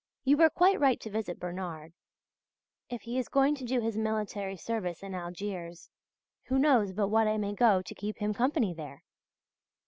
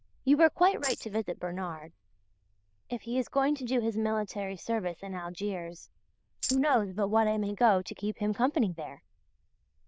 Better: first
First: none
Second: noise reduction (neural diffusion model UNIVERSE++)

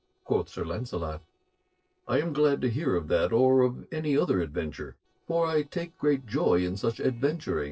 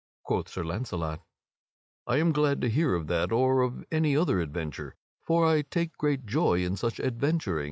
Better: second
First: noise reduction (neural separator model SepFormer DNS4)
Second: none

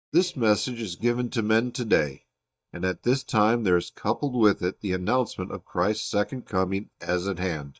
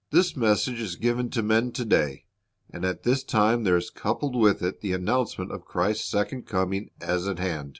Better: second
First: noise reduction (neural mask model DeepFilterNet 3)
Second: none

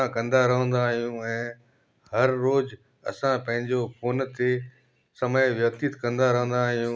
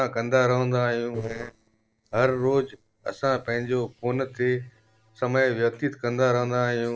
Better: first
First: none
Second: noise reduction (neural separator model SepFormer DNS4)

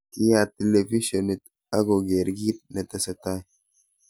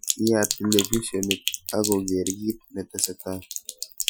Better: first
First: none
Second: noise reduction (classical method Wiener filter)

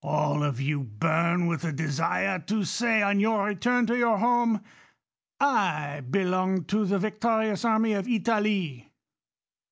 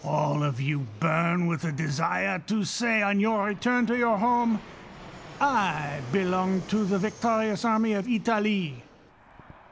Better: first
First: none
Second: background sound (Fixed-wing aircraft, airplane); 20 dB below the speech

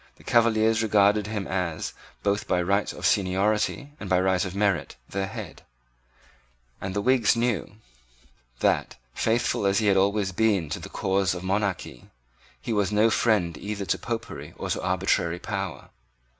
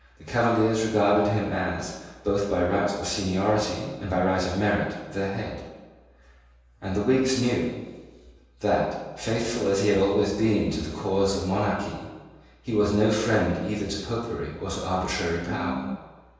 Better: first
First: none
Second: background sound (Piano); 5 dB below the speech // room echo; dies away in 1.2 s

